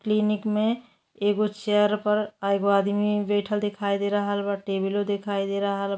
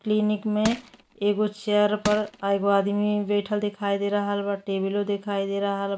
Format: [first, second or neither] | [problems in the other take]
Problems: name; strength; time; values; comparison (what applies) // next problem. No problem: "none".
first | background sound (Crushing); 10 dB below the speech